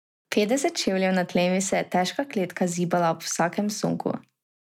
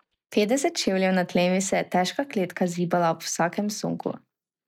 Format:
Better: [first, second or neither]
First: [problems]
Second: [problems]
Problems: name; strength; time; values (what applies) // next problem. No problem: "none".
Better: first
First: none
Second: noise reduction (neural mask model DeepFilterNet 3)